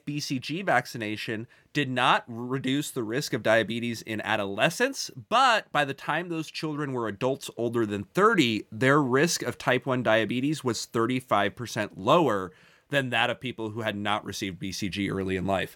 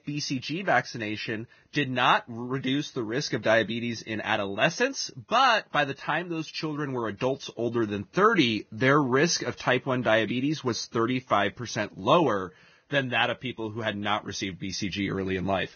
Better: first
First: none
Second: garbled, watery; badly; nothing above 6.5 kHz

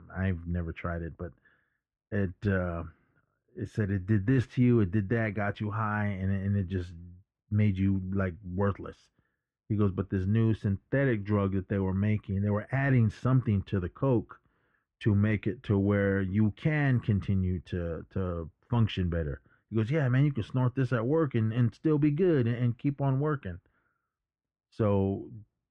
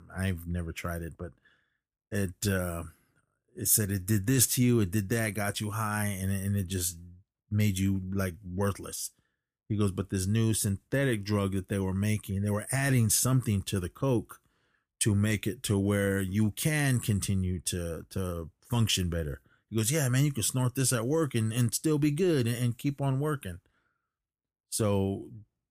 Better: second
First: muffled; very; fading above 2 kHz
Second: none

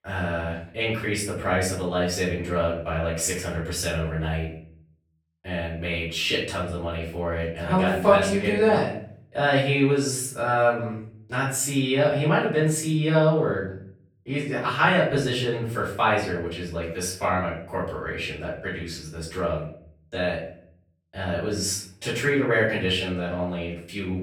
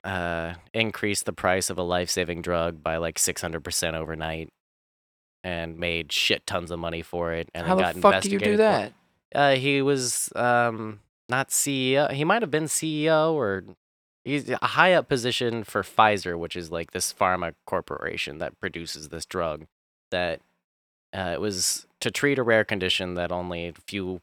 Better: second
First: off-mic speech; far // room echo; noticeable; dies away in 0.6 s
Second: none

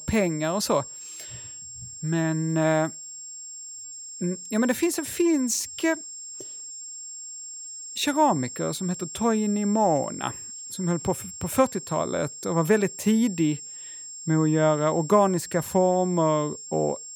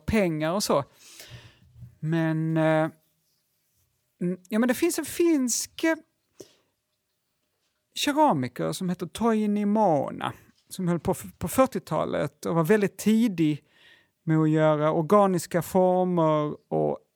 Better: second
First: high-pitched whine; noticeable; throughout; 7.5 kHz, 10 dB below the speech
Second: none

